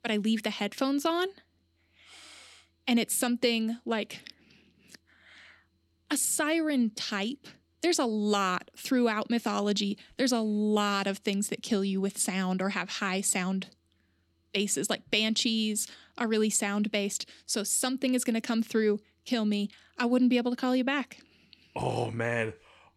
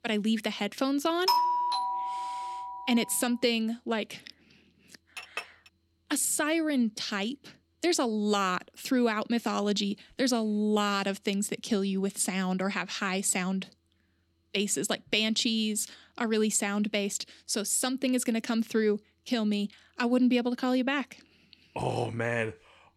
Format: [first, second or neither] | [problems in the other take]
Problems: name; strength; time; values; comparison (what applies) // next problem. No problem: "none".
first | doorbell; loud; from 1.5 to 3 s; peak 4 dB above the speech // clattering dishes; noticeable; at 5 s; peak 10 dB below the speech